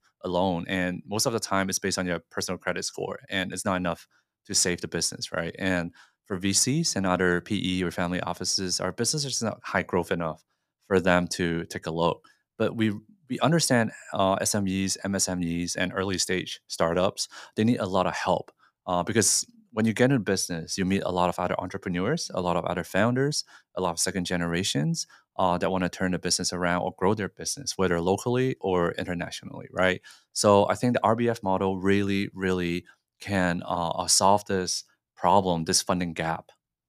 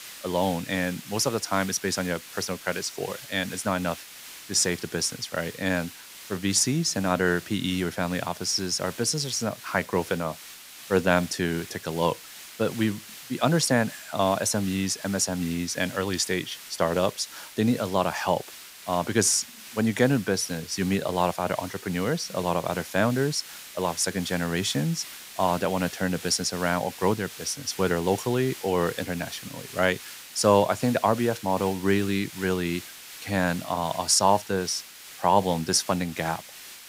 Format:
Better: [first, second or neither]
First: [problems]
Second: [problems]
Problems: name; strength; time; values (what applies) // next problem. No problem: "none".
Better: first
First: none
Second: hiss; noticeable; throughout; 15 dB below the speech